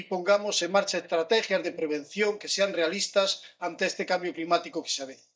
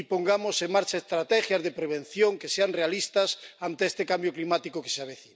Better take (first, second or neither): second